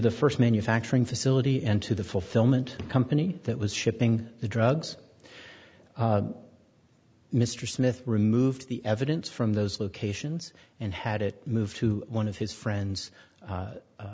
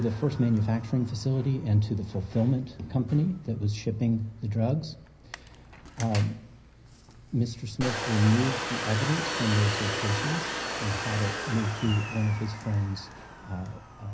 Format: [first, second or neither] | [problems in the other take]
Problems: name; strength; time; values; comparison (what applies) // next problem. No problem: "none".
first | background sound (Domestic sounds, home sounds); 8 dB below the speech // room echo; dies away in 0.4 s